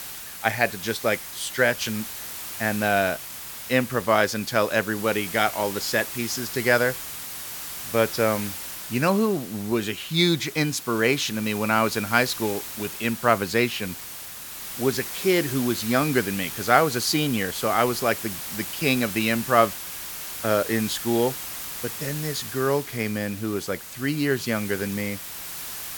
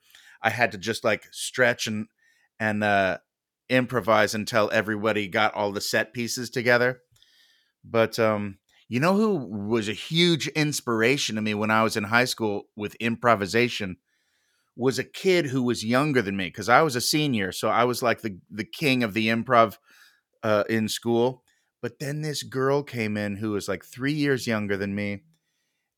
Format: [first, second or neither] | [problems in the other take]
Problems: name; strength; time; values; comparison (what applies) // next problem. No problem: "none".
second | hiss; loud; throughout; 9 dB below the speech